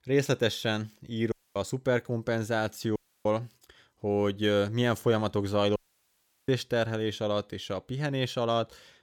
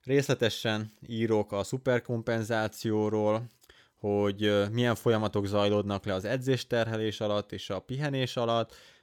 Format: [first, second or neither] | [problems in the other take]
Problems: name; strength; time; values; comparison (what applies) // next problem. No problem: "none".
second | audio cutting out; at 1.5 s, at 3 s and at 6 s for 0.5 s